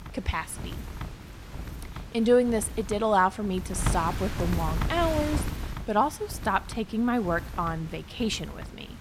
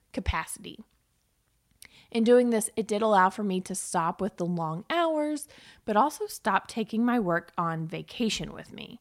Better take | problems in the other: second | wind noise on the microphone; occasional gusts; 15 dB below the speech

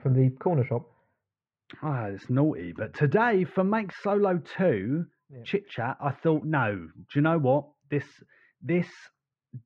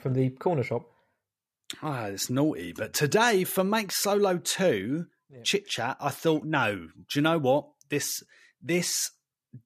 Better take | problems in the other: second | muffled; very; fading above 2 kHz

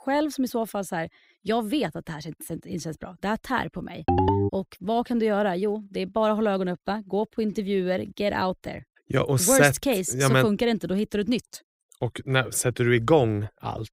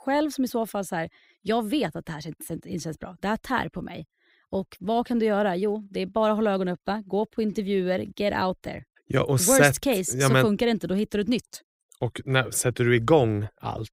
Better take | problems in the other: second | phone ringing; loud; at 4 s; peak 3 dB above the speech

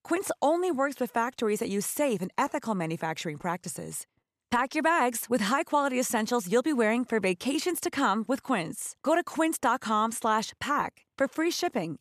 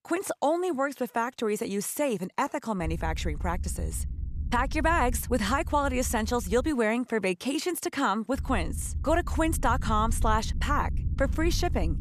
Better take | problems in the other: first | low rumble; faint; from 3 to 6.5 s and from 8.5 s on; 20 dB below the speech

